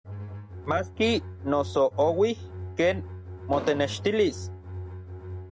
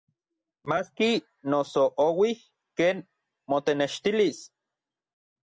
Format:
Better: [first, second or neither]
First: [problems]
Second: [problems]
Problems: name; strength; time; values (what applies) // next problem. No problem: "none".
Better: second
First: background sound (Bowed string instrument + Explosion); 10 dB below the speech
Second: none